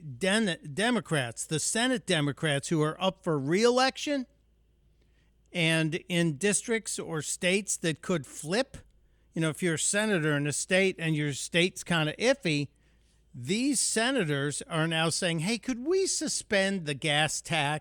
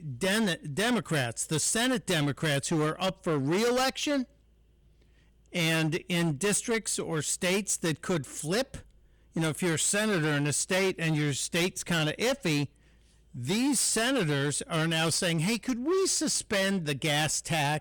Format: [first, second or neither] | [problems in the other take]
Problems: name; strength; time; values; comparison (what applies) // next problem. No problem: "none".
first | distortion; heavy; 18% of the sound clipped